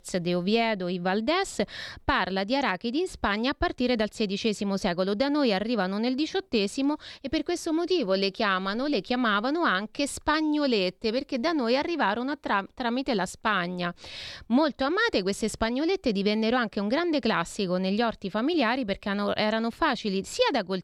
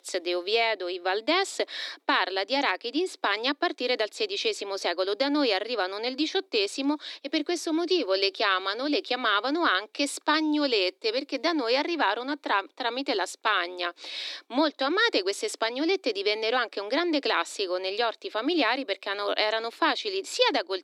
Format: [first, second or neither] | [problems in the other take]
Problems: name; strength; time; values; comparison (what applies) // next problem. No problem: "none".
first | thin; very slightly; fading below 300 Hz